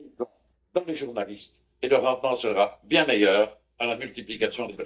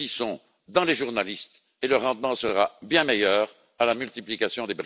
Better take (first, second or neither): second